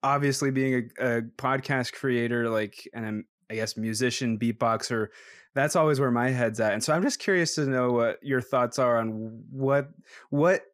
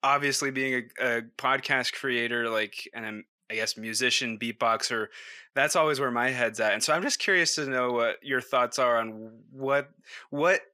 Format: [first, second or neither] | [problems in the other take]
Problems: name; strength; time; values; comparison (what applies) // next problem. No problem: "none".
first | thin; somewhat; fading below 700 Hz